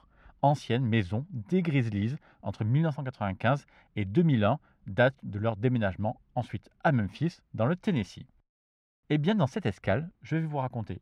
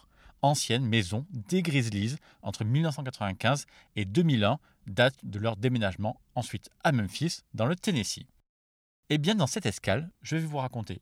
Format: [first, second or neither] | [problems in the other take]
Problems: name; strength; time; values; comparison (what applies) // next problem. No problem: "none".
second | muffled; very; fading above 3.5 kHz